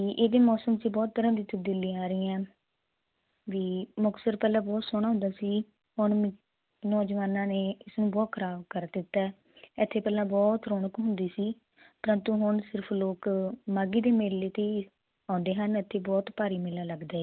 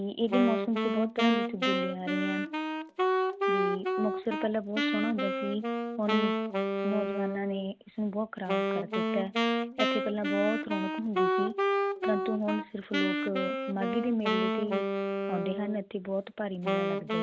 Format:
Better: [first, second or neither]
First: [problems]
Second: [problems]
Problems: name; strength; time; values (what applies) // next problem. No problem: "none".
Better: first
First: none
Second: background sound (Wind instrument, woodwind instrument); 2 dB above the speech